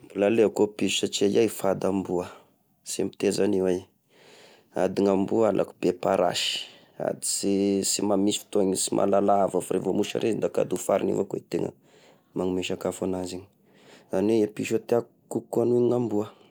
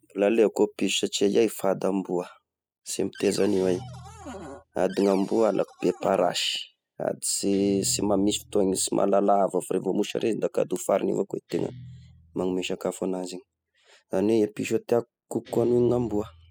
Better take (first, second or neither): first